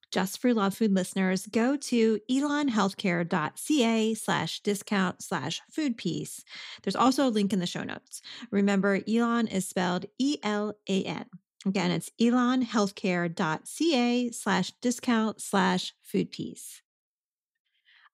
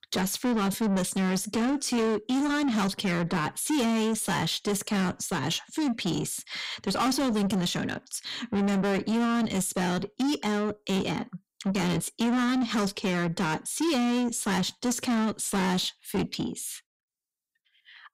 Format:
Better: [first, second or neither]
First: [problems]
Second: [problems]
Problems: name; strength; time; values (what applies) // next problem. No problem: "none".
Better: first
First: none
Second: distortion; heavy; 7 dB below the speech